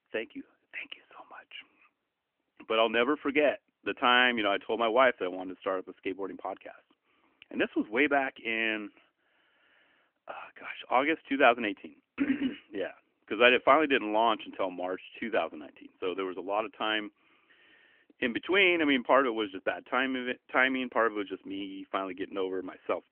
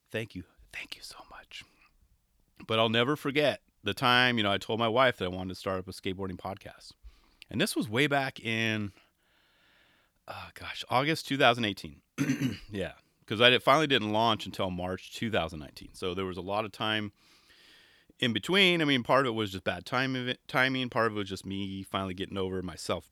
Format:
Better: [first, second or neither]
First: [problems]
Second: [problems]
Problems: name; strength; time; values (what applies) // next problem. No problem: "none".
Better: second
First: phone-call audio; nothing above 3 kHz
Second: none